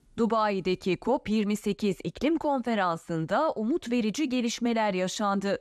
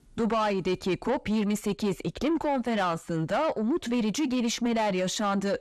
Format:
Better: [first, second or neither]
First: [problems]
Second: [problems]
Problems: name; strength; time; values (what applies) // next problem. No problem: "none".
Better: first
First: none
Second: distortion; slight; 10 dB below the speech